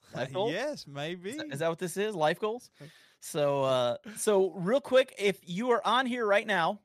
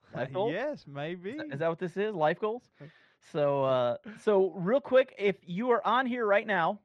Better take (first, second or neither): first